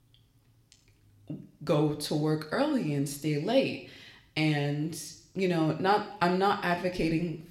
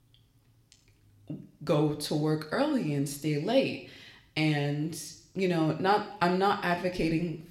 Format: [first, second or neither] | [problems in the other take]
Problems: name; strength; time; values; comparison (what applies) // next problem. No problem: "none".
neither | room echo; slight; dies away in 0.6 s; the same in both